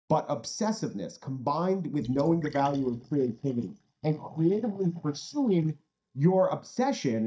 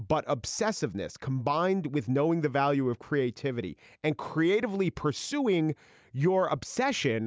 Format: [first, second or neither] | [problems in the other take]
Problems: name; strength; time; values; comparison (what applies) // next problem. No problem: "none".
second | noise reduction (neural mask model DeepFilterNet 3)